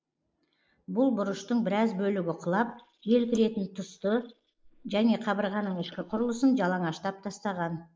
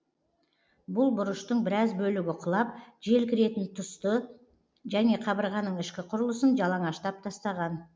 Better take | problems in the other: second | noise reduction (neural mask model Resemble Enhance denoiser)

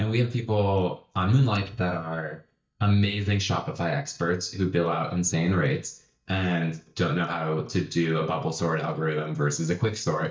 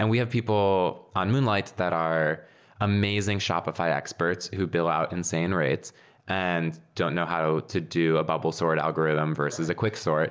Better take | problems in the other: second | noise reduction (neural mask model DeepFilterNet 3)

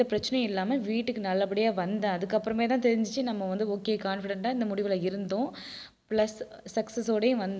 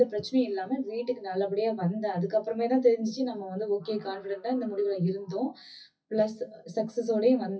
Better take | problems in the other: first | noise reduction (classical method WPE with log-MMSE)

